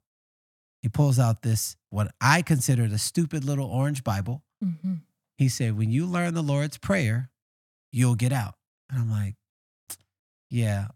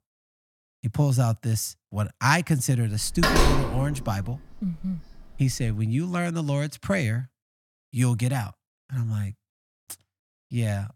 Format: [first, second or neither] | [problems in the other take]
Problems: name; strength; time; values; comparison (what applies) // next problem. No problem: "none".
first | door banging; loud; from 3 to 5.5 s; peak 6 dB above the speech